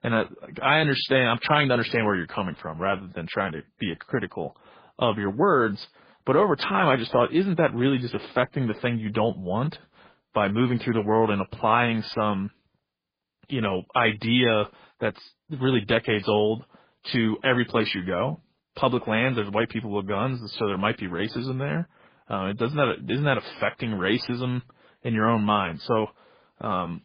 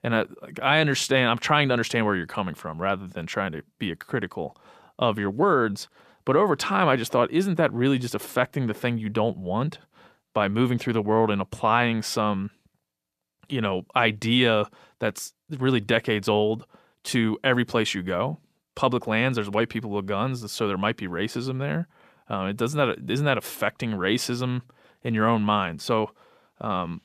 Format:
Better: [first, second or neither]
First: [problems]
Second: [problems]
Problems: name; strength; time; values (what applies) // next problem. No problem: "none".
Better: second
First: garbled, watery; badly; nothing above 5 kHz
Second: none